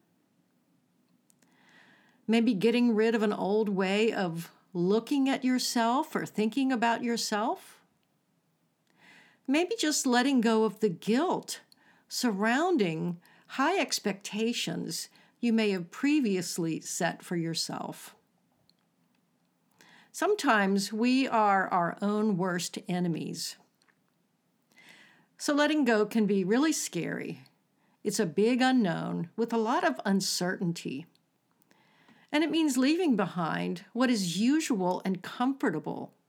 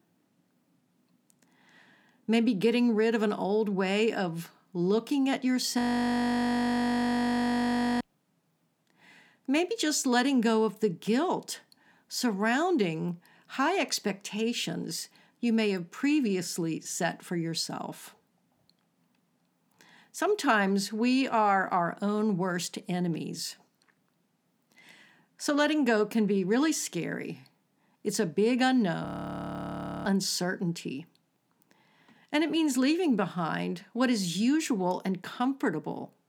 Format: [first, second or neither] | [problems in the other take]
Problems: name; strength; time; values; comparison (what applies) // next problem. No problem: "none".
first | audio freezing; at 6 s for 2 s and at 29 s for 1 s